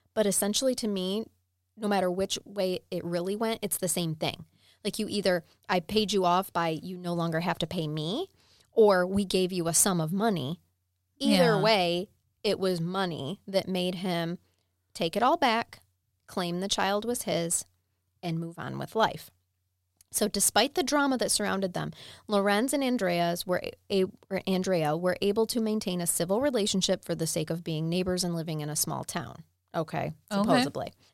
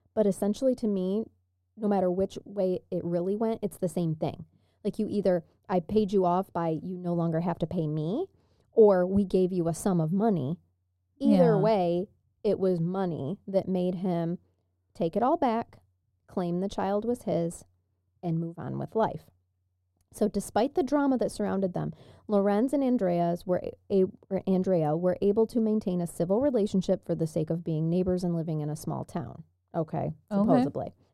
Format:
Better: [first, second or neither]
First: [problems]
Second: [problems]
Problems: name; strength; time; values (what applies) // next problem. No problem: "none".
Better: first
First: none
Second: muffled; very; fading above 1 kHz